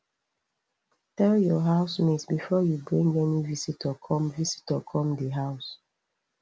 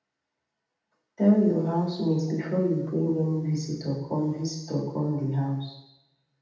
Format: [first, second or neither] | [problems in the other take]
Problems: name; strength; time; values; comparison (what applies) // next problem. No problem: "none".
first | room echo; dies away in 0.8 s